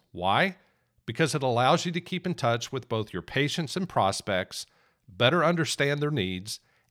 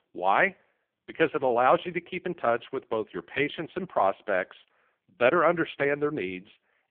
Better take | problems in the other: first | phone-call audio; poor line

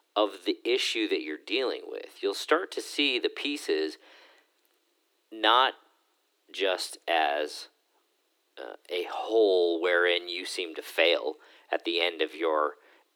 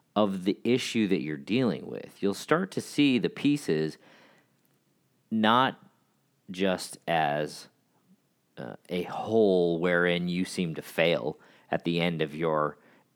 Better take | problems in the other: second | thin; very; fading below 300 Hz

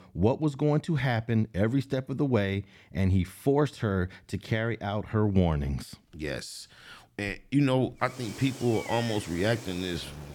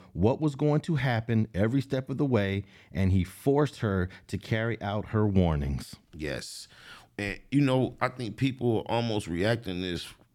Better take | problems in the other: second | animal sounds; noticeable; from 8 s on; 15 dB below the speech

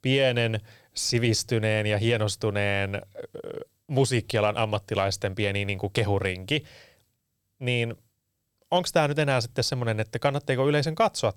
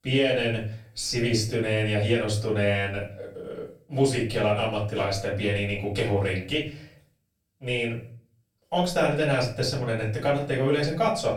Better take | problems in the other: first | off-mic speech; far // room echo; slight; dies away in 0.4 s

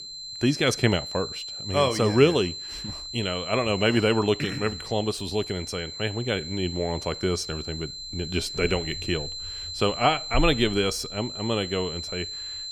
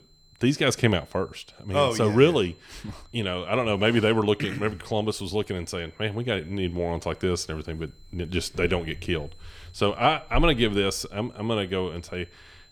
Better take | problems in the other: second | high-pitched whine; loud; throughout; 4 kHz, 8 dB below the speech; faint in the second

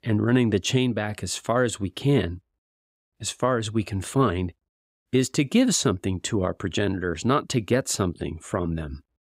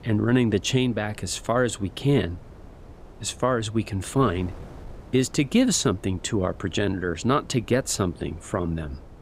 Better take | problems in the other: first | wind noise on the microphone; occasional gusts; 25 dB below the speech

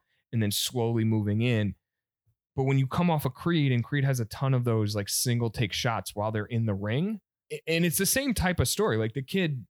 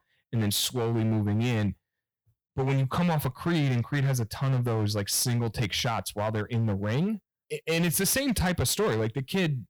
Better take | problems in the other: first | distortion; slight; 15% of the sound clipped

